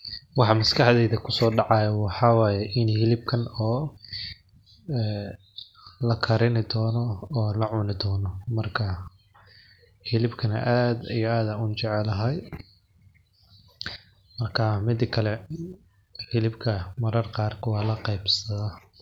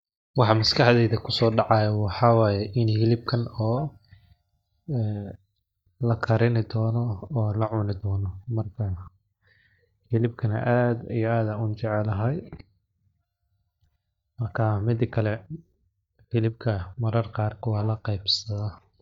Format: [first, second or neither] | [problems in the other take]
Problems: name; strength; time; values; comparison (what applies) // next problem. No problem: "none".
first | noise reduction (neural mask model DeepFilterNet 3)